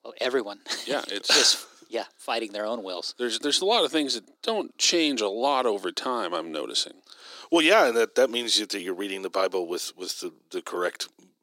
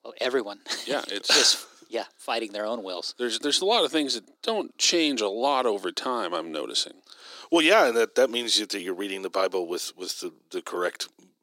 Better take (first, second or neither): neither